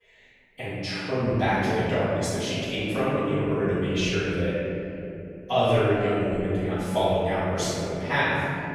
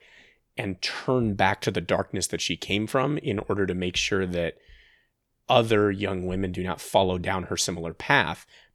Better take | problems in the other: second | off-mic speech; far // room echo; strong; dies away in 3 s

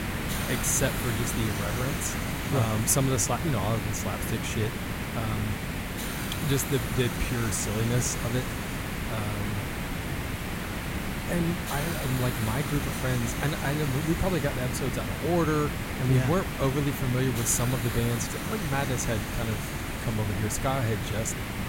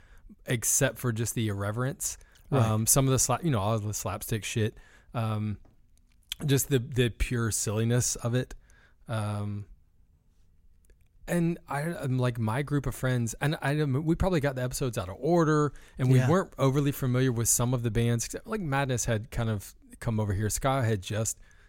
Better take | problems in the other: second | hiss; loud; throughout; 2 dB below the speech

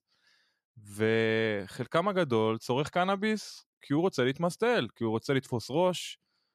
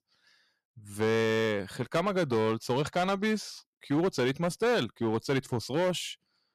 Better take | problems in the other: first | distortion; slight; 9% of the sound clipped

